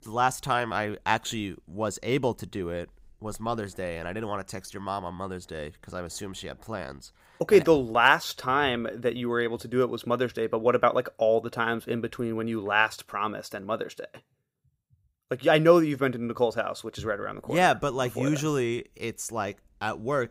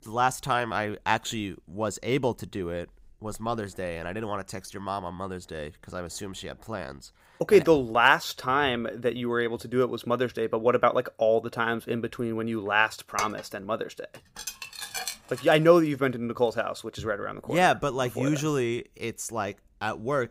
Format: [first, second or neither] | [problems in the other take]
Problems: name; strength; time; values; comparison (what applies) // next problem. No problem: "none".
first | clattering dishes; noticeable; from 13 to 16 s; peak 6 dB below the speech